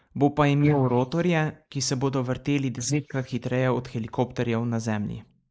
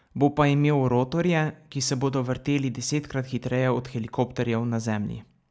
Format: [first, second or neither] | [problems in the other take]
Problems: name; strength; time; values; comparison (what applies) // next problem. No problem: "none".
second | noise reduction (neural mask model Resemble Enhance denoiser)